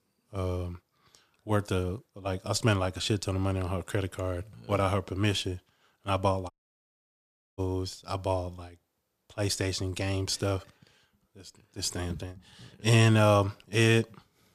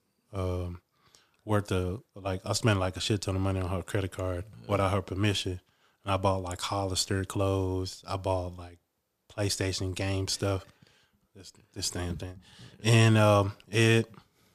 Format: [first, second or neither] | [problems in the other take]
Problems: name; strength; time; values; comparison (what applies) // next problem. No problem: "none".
second | audio cutting out; at 6.5 s for 1 s